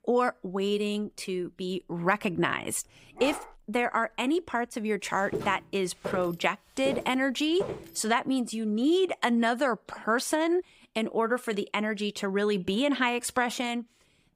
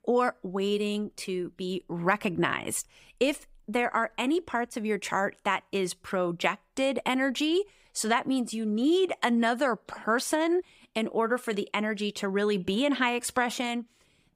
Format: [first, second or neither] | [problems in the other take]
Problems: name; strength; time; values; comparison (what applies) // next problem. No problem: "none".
second | dog barking; noticeable; at 3 s; peak 9 dB below the speech // footsteps; noticeable; from 5.5 to 8 s; peak 7 dB below the speech